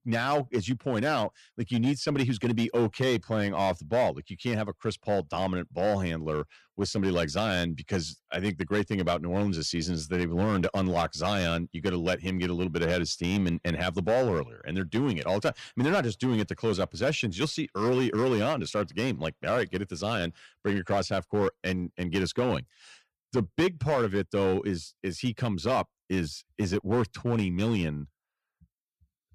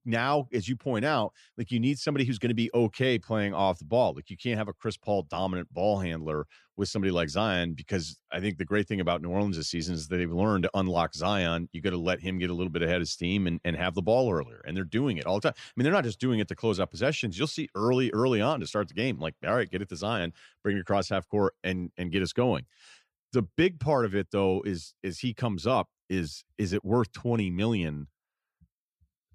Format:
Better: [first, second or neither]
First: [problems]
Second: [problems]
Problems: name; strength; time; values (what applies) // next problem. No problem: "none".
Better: second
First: distortion; slight; 5% of the sound clipped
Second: none